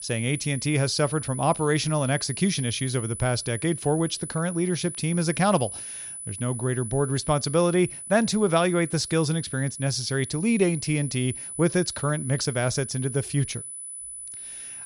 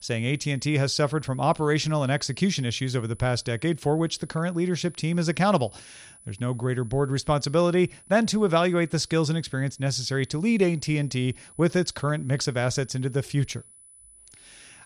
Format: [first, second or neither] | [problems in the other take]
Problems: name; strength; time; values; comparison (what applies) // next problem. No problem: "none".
second | high-pitched whine; loud; throughout; 10 kHz, 9 dB below the speech; faint in the second